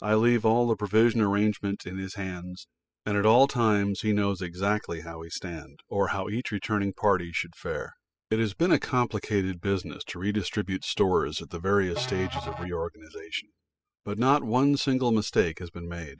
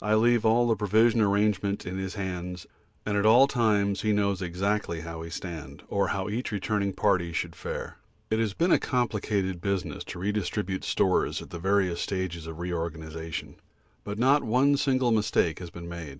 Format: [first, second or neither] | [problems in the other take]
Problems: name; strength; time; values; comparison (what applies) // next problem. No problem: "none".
second | noise reduction (classical method spectral subtraction)